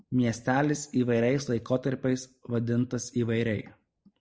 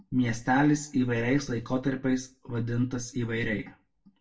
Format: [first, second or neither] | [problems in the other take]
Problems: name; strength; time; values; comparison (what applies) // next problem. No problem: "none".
first | room echo; dies away in 0.2 s